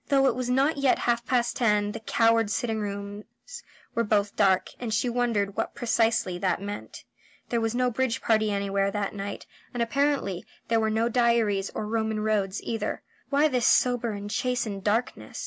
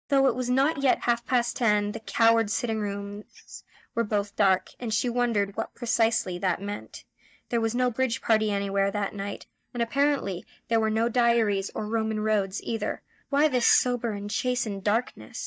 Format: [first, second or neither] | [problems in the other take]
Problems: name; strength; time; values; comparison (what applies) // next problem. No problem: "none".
first | noise reduction (neural mask model DeepFilterNet 3)